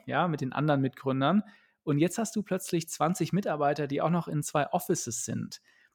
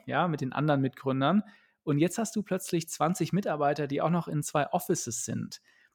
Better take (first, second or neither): neither